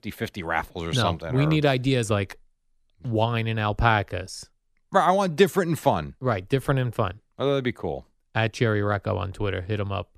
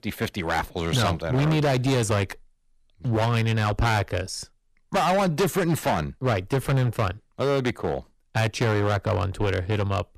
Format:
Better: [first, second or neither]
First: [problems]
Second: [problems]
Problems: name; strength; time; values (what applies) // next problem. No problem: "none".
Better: first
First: none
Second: distortion; heavy; 16% of the sound clipped